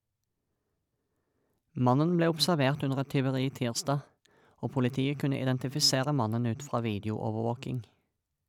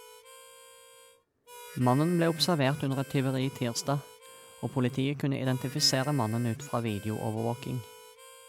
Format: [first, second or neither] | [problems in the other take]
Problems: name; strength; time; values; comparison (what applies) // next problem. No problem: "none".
first | background sound (Harmonica); 19 dB below the speech